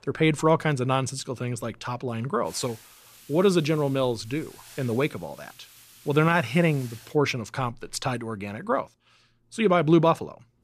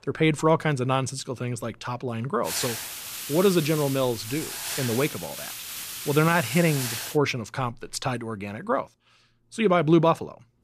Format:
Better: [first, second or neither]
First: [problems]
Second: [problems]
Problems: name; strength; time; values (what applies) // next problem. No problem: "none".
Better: first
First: hiss; faint; from 2.5 to 7 s; 25 dB below the speech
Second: hiss; loud; from 2.5 to 7 s; 7 dB below the speech